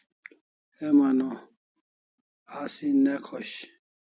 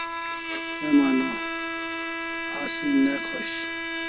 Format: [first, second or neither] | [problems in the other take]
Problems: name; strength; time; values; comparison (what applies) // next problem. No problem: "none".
first | background sound (Bowed string instrument); 3 dB below the speech